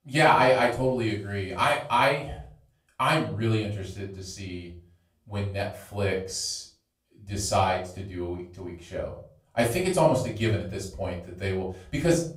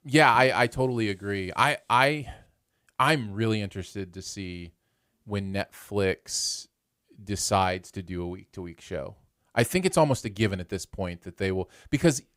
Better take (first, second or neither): second